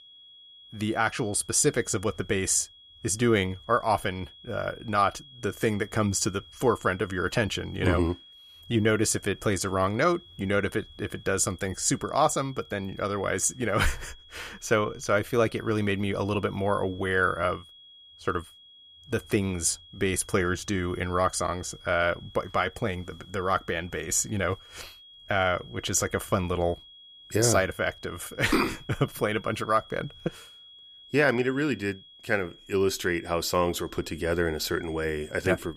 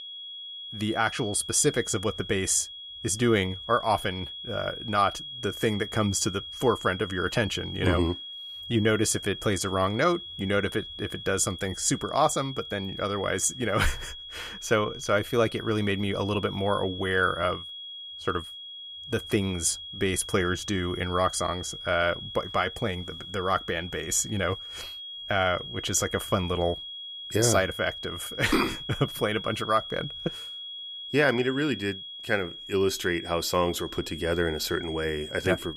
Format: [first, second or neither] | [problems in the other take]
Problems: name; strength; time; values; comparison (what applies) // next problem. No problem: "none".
first | high-pitched whine; loud; throughout; 3.5 kHz, 10 dB below the speech; faint in the first